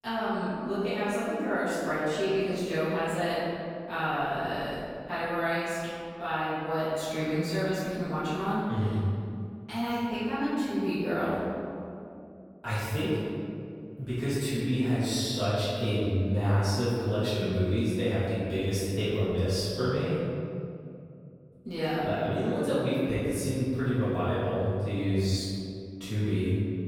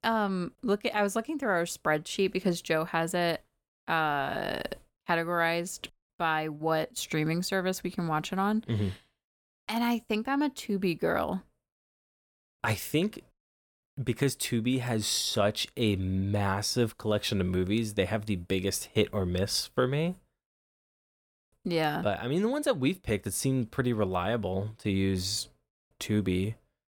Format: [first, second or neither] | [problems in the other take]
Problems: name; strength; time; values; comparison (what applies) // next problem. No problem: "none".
second | off-mic speech; far // room echo; strong; dies away in 2.4 s